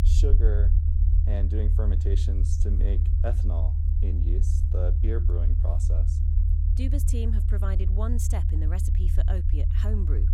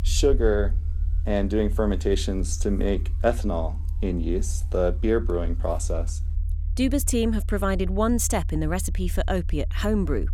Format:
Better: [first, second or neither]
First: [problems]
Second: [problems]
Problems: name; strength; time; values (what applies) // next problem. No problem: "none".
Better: second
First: low rumble; loud; throughout; 3 dB below the speech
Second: low rumble; faint; throughout; 20 dB below the speech